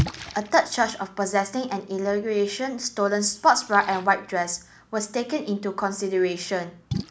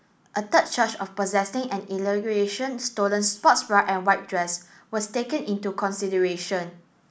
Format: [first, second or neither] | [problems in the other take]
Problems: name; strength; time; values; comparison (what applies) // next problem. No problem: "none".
second | background sound (Splash, splatter); 12 dB below the speech